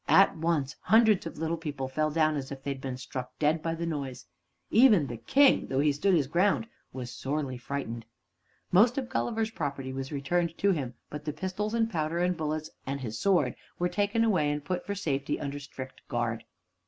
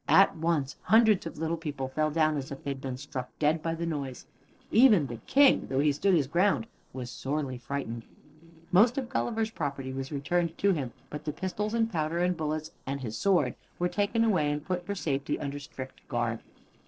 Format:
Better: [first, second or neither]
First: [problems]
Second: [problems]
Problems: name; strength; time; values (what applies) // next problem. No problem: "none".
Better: first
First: none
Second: noise reduction (neural separator model SepFormer DNS4)